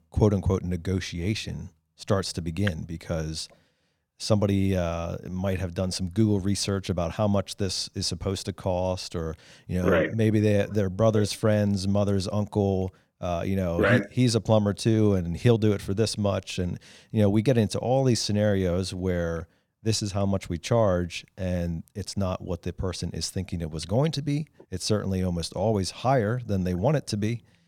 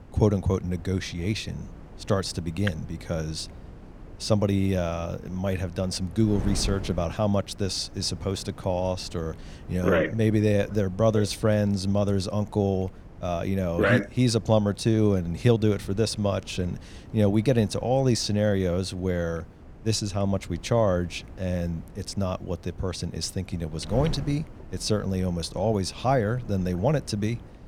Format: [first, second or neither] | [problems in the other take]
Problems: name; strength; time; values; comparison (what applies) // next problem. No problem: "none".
first | wind noise on the microphone; occasional gusts; 20 dB below the speech